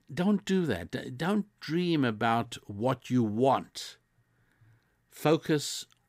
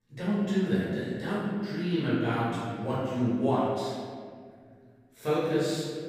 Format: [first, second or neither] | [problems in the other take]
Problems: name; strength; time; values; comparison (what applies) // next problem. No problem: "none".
first | off-mic speech; far // room echo; strong; dies away in 1.8 s